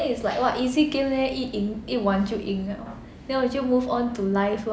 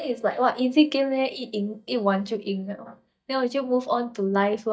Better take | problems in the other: first | noise reduction (neural mask model DeepFilterNet 3)

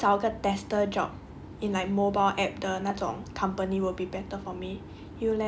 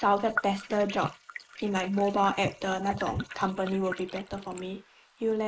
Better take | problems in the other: first | noise reduction (neural mask model Resemble Enhance denoiser)

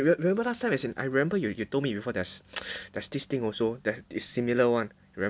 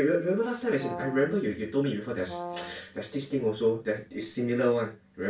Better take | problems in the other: first | background sound (Brass instrument); 12 dB below the speech // room echo; dies away in 0.2 s

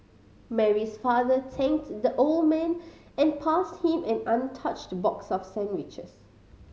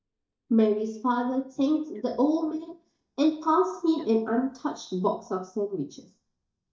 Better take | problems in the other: first | noise reduction (neural mask model DeepFilterNet 3)

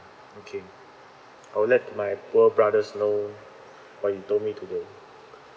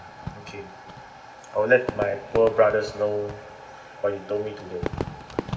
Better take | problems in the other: first | background sound (Fireworks); 10 dB below the speech // room echo; dies away in 0.8 s

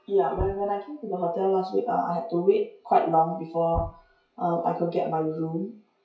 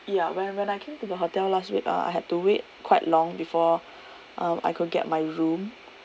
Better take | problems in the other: second | noise reduction (classical method WPE with log-MMSE)

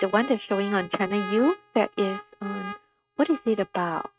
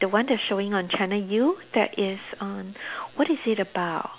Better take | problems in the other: second | noise reduction (neural mask model RNNoise)

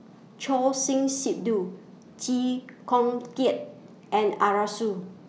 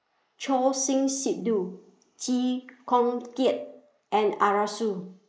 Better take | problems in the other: first | noise reduction (neural mask model Resemble Enhance denoiser)

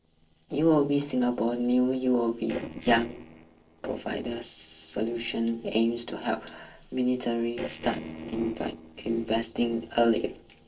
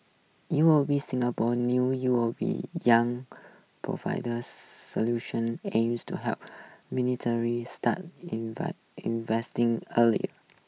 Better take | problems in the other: second | noise reduction (neural separator model SepFormer DNS4)

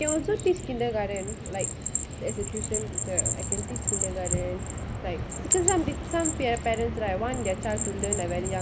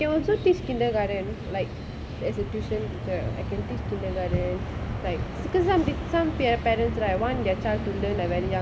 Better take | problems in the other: second | background sound (Bell); 3 dB below the speech

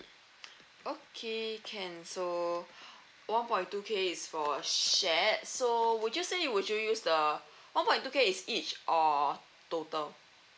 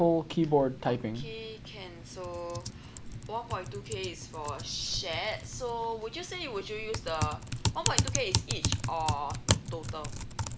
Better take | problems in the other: first | background sound (Typing); 5 dB above the speech

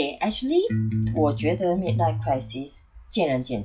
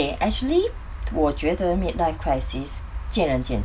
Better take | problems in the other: second | noise reduction (classical method log-MMSE)

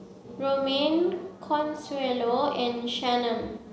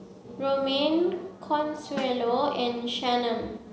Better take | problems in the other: first | background sound (Snare drum); 15 dB below the speech

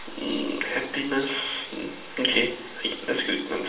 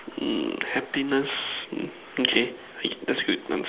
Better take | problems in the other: second | background sound (Bathtub (filling or washing)); 16 dB below the speech // room echo; dies away in 0.9 s

